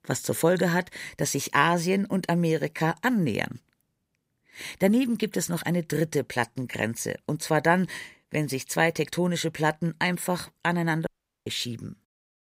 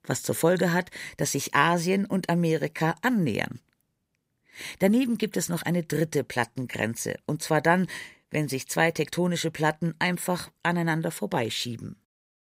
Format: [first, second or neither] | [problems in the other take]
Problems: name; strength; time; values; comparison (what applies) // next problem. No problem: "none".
second | audio cutting out; at 11 s